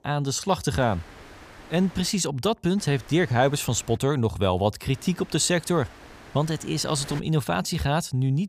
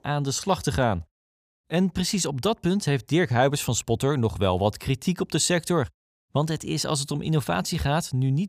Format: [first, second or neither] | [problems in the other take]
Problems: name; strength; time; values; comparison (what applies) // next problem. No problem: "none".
second | wind noise on the microphone; occasional gusts; from 1 to 2 s, from 3 to 4 s and from 5 to 7 s; 20 dB below the speech